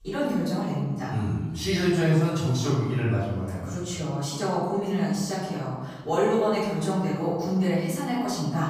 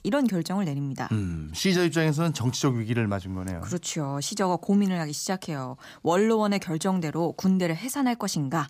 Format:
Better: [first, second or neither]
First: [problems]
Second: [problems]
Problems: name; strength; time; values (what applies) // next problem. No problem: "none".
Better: second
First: off-mic speech; far // room echo; noticeable; dies away in 1.2 s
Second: none